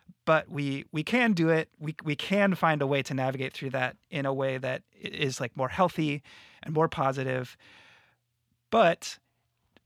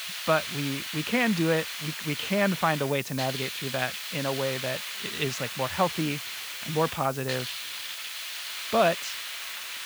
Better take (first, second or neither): first